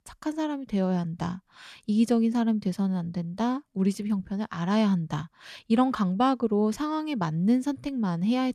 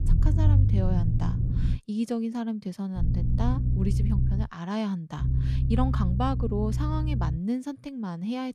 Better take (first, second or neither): first